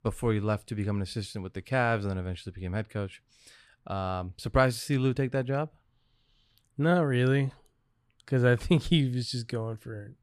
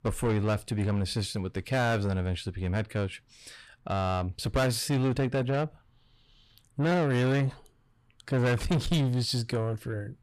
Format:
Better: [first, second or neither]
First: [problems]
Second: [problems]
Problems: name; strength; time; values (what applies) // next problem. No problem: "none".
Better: first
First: none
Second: distortion; heavy; 7 dB below the speech